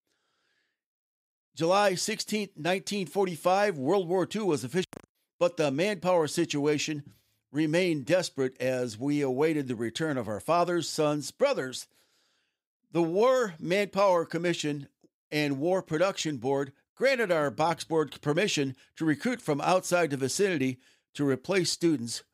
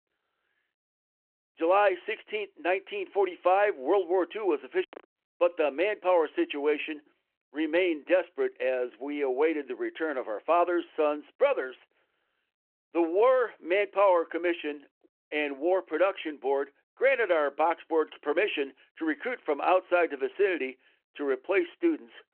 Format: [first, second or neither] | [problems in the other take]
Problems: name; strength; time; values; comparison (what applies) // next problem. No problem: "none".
first | phone-call audio